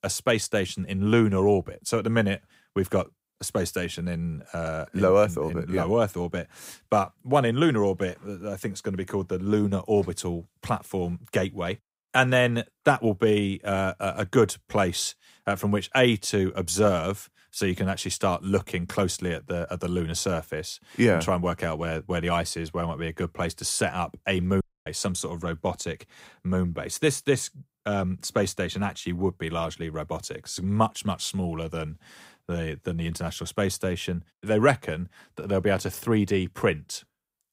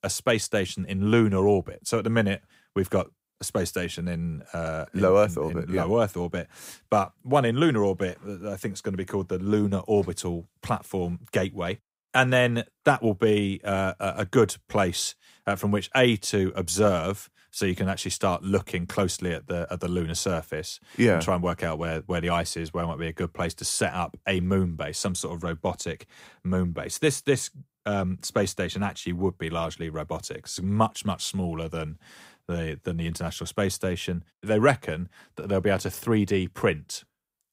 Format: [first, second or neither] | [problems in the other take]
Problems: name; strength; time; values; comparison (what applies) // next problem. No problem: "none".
second | audio cutting out; at 25 s